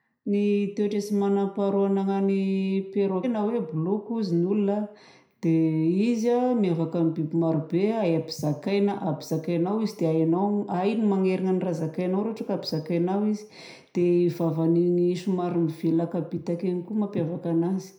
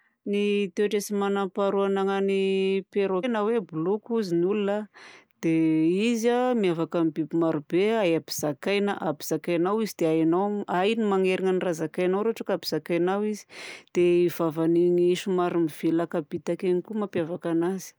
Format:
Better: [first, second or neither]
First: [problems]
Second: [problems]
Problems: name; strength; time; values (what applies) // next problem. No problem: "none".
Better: second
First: room echo; dies away in 0.4 s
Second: none